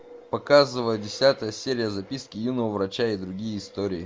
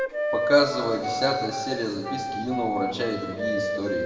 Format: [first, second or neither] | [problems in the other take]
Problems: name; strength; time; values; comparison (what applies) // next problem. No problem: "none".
first | background sound (Wind instrument, woodwind instrument); 3 dB below the speech // room echo; dies away in 2 s